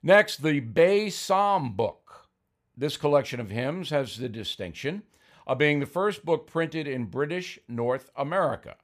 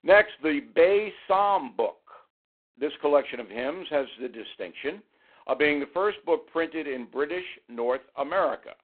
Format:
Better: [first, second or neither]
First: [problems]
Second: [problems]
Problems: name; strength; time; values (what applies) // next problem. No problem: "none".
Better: first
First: none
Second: phone-call audio; poor line; nothing above 3.5 kHz